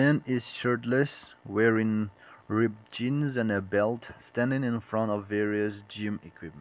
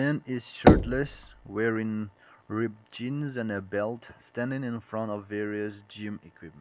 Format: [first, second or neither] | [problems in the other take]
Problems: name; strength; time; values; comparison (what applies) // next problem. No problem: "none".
first | background sound (Knock / Wood); 5 dB above the speech